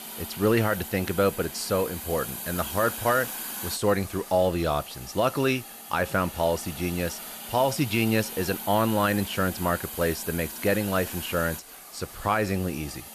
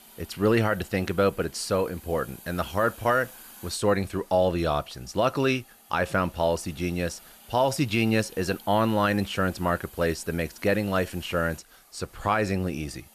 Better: second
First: hiss; loud; throughout; 9 dB below the speech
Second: hiss; faint; throughout; 20 dB below the speech

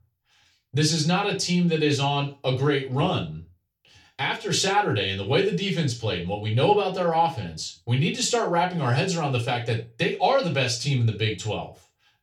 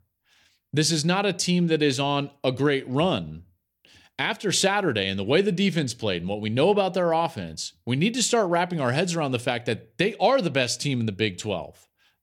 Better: second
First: room echo; slight; dies away in 0.3 s // off-mic speech; far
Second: none

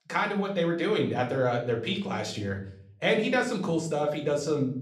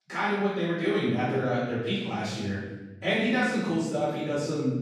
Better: first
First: room echo; slight; dies away in 0.5 s // off-mic speech; somewhat distant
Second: room echo; strong; dies away in 1.1 s // off-mic speech; far

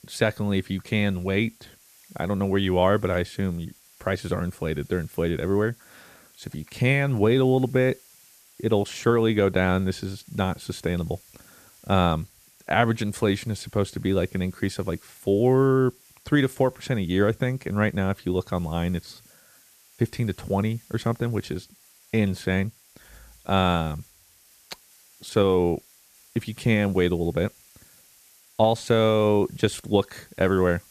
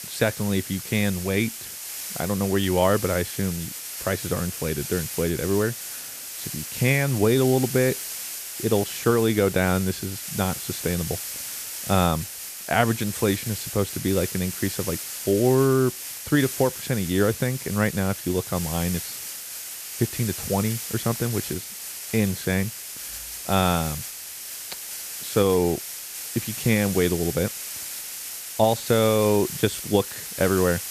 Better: first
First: hiss; faint; throughout; 30 dB below the speech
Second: hiss; loud; throughout; 7 dB below the speech

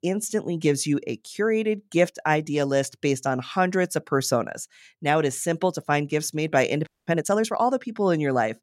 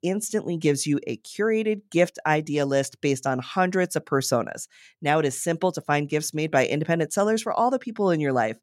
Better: second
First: audio freezing; at 7 s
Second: none

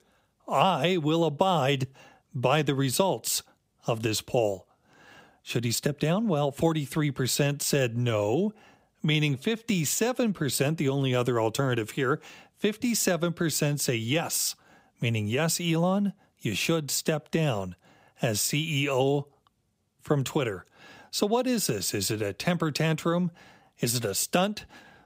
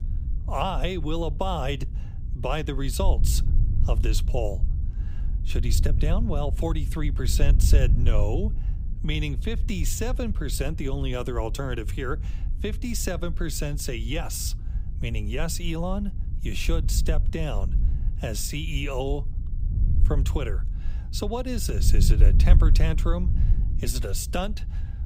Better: first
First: none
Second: wind noise on the microphone; occasional gusts; 15 dB below the speech

